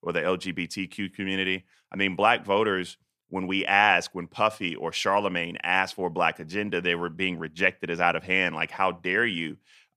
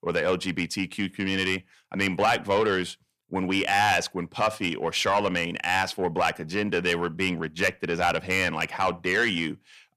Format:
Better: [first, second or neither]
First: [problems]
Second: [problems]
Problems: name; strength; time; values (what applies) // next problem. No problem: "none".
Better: first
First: none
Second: distortion; heavy; 8 dB below the speech